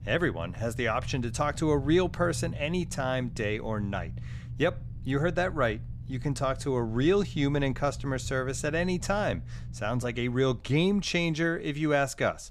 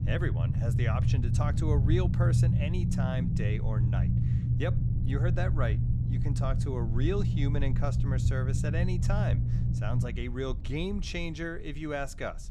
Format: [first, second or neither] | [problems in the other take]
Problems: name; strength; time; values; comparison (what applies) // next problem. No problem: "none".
first | low rumble; loud; throughout; 3 dB below the speech; faint in the first